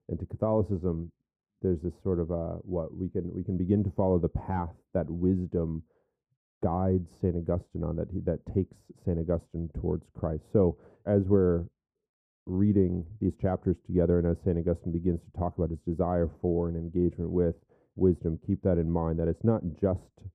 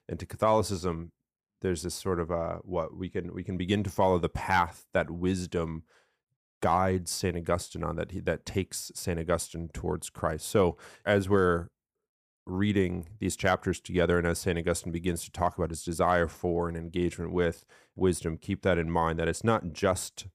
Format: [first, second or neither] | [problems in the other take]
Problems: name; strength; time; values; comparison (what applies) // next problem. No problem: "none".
second | muffled; very; fading above 1 kHz